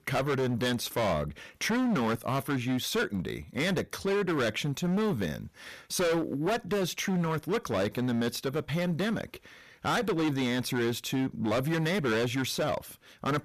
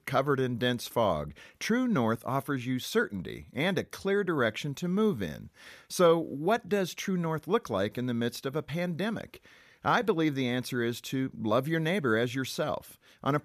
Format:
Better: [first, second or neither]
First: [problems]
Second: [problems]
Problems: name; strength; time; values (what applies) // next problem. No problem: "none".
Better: second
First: distortion; heavy; 19% of the sound clipped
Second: none